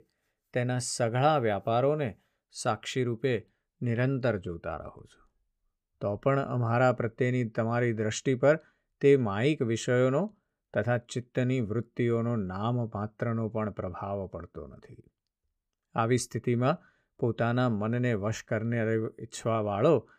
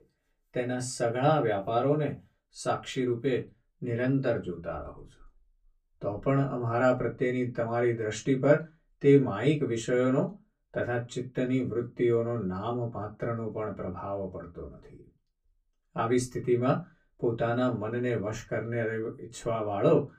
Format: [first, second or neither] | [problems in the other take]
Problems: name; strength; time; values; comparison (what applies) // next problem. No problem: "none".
first | off-mic speech; far // room echo; very slight; dies away in 0.2 s